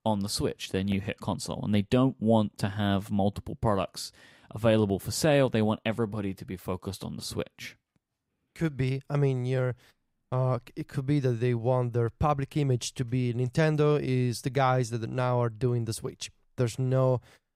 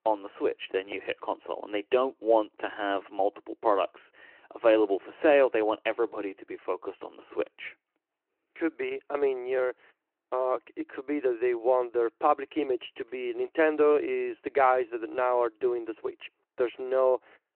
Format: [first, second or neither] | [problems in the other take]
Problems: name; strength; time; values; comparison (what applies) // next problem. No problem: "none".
first | phone-call audio